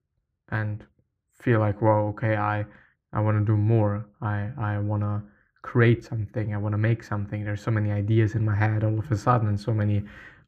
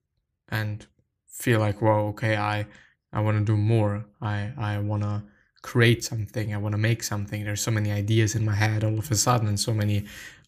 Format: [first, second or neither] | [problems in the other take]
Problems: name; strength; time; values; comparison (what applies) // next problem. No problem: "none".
second | muffled; very; fading above 3.5 kHz